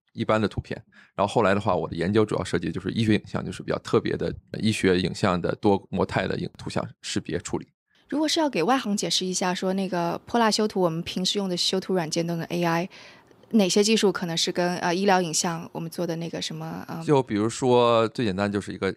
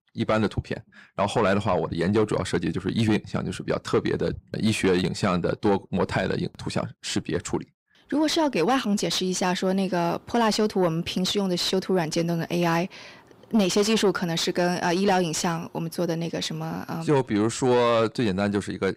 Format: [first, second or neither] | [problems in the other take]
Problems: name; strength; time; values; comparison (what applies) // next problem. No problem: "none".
first | distortion; slight; 10 dB below the speech